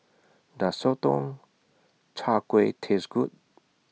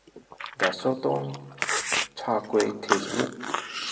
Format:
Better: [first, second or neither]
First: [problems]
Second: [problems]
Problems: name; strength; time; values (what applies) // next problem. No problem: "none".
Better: first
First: none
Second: background sound (Chewing, mastication); 2 dB below the speech // room echo; dies away in 2.9 s